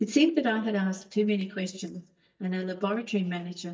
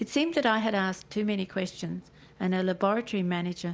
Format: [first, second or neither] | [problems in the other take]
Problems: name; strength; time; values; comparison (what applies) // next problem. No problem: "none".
second | noise reduction (neural mask model DeepFilterNet 3)